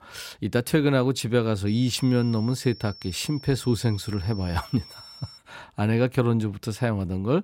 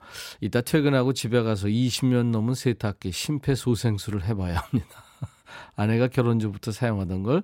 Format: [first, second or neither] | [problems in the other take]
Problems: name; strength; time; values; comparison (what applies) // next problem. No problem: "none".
second | high-pitched whine; noticeable; from 1.5 to 5.5 s; 5.5 kHz, 20 dB below the speech